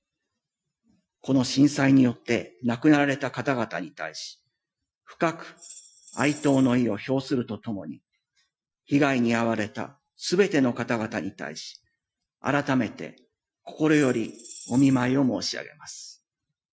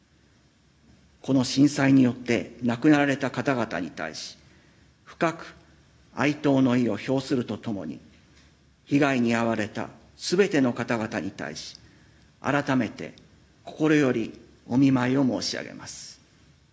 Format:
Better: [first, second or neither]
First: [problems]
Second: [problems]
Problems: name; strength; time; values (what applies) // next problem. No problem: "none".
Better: second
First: noise reduction (classical method Wiener filter)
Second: none